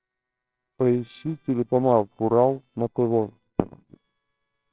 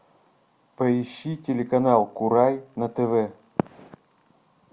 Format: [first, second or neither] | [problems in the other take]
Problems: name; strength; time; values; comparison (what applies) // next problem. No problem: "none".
second | noise reduction (neural separator model SepFormer WHAMR!)